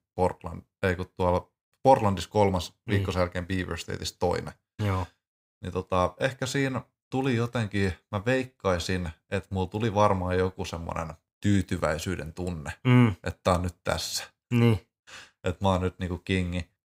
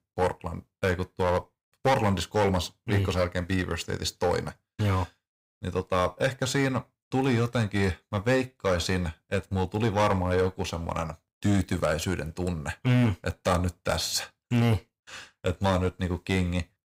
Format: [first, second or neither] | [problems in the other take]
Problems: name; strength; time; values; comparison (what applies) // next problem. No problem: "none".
first | distortion; heavy; 5% of the sound clipped